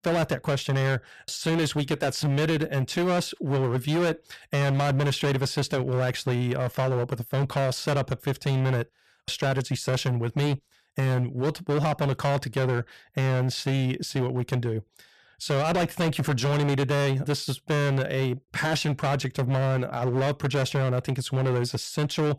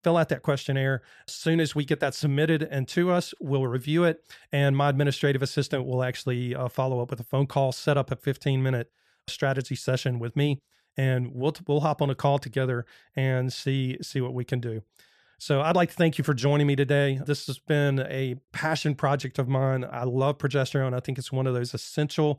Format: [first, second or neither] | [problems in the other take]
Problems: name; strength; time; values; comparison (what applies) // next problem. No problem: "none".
second | distortion; heavy; 25% of the sound clipped